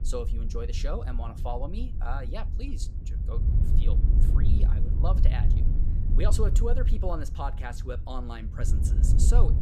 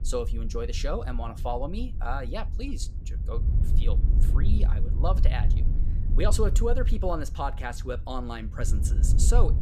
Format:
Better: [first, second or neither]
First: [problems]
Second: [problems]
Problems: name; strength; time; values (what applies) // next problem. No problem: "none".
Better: second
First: wind noise on the microphone; heavy; 7 dB below the speech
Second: wind noise on the microphone; occasional gusts; 10 dB below the speech